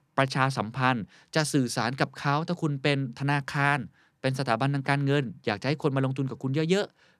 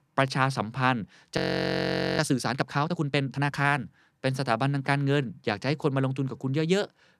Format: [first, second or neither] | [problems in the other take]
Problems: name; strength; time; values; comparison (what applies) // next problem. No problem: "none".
first | audio freezing; at 1.5 s for 1 s